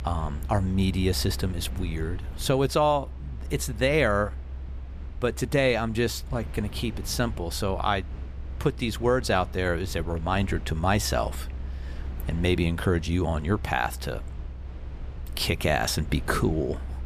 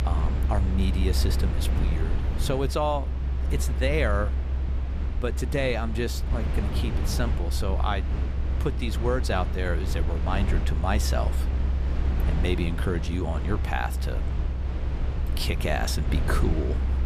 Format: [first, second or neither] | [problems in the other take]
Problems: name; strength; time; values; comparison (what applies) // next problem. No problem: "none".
first | low rumble; loud; throughout; 9 dB below the speech; faint in the first